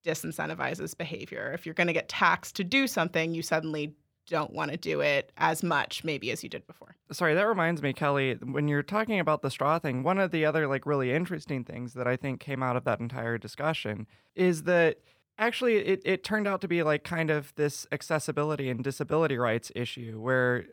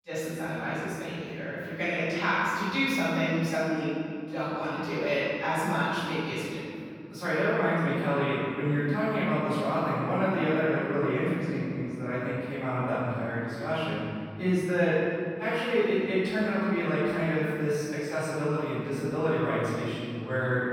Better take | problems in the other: first | room echo; strong; dies away in 2.6 s // off-mic speech; far

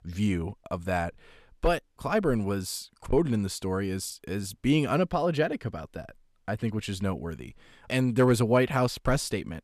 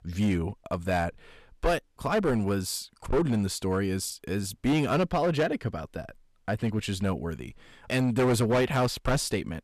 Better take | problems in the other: first | distortion; slight; 7% of the sound clipped

